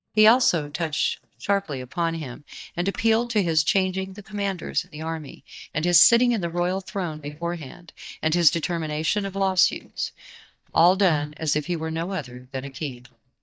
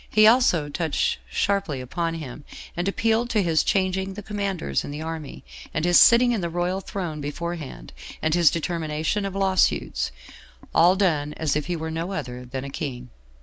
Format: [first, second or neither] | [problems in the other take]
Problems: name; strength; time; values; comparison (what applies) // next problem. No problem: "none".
second | noise reduction (neural mask model DeepFilterNet 3)